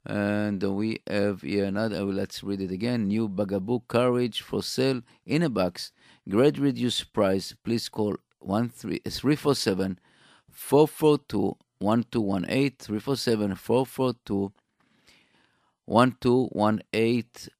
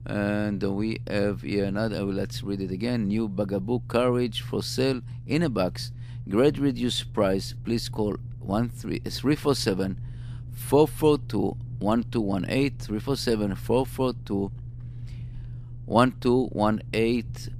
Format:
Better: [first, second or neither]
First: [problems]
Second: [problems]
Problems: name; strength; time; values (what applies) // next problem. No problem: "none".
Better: first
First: none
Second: low rumble; faint; throughout; 25 dB below the speech